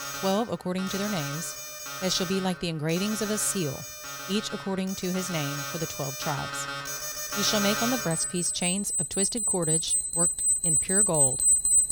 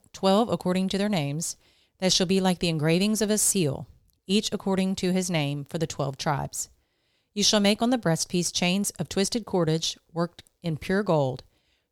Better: second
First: alarms or sirens; very loud; throughout; 4 dB above the speech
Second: none

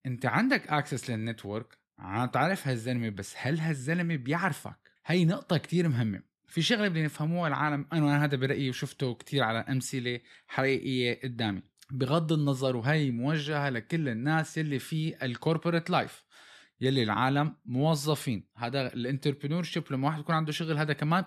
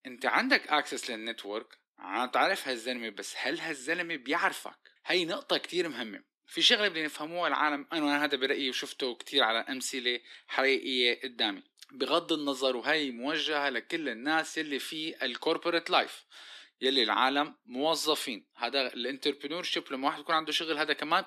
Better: first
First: none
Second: thin; somewhat; fading below 300 Hz

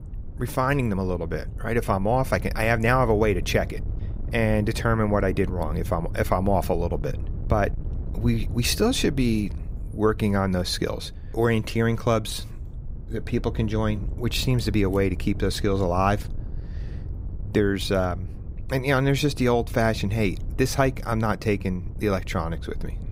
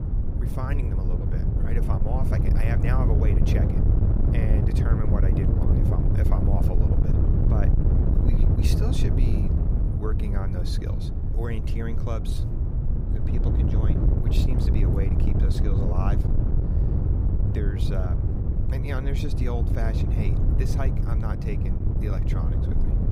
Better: first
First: wind noise on the microphone; occasional gusts; 20 dB below the speech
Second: wind noise on the microphone; heavy; 1 dB above the speech

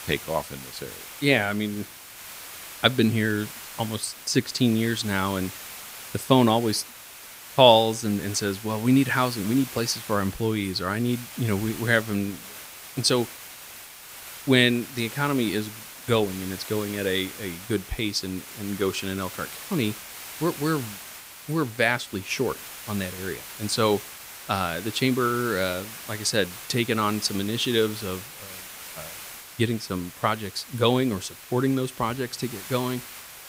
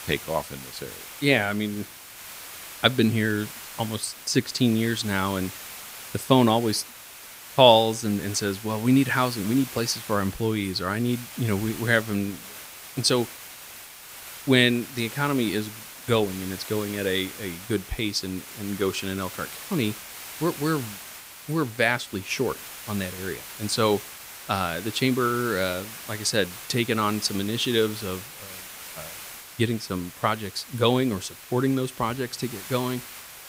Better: neither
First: hiss; noticeable; throughout; 15 dB below the speech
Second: hiss; noticeable; throughout; 15 dB below the speech

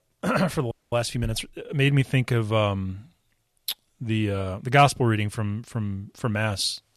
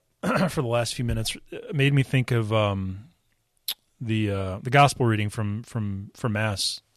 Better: second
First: audio freezing; at 0.5 s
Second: none

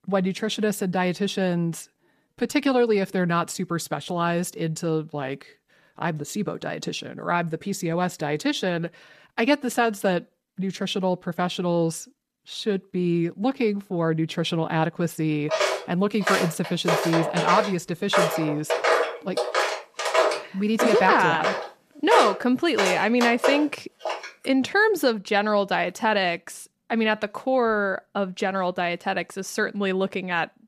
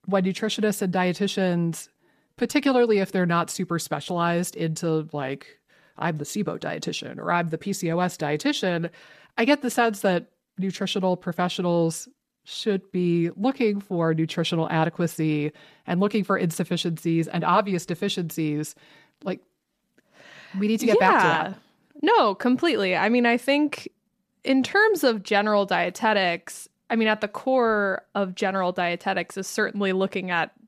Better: second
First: footsteps; loud; from 16 to 24 s; peak 3 dB above the speech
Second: none

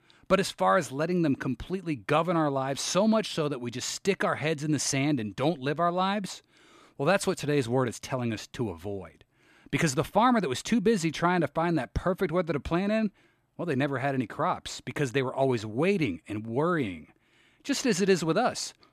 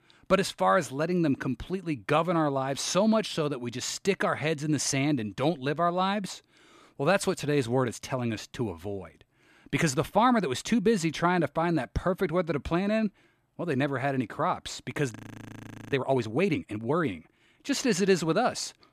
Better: first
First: none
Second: audio freezing; at 15 s for 1 s

